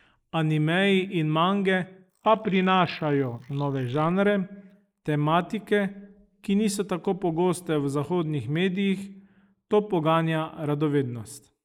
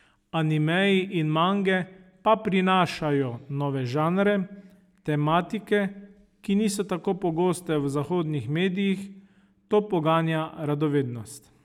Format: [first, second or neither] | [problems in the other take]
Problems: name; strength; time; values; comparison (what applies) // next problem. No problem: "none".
second | noise reduction (neural mask model Resemble Enhance denoiser)